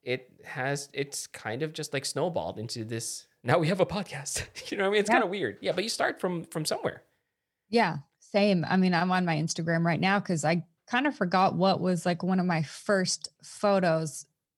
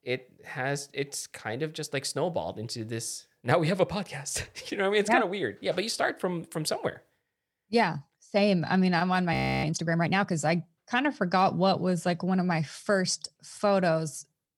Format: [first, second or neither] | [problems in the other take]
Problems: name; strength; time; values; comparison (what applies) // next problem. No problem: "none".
first | audio freezing; at 9.5 s